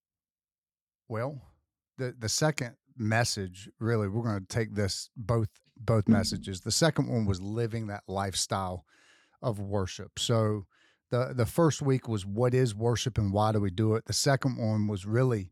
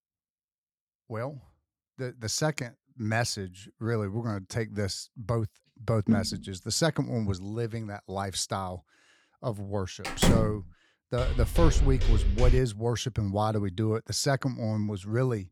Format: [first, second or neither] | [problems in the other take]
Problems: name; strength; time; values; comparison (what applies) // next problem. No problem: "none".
first | door banging; loud; at 10 s; peak 5 dB above the speech // footsteps; loud; from 11 to 13 s; peak 3 dB above the speech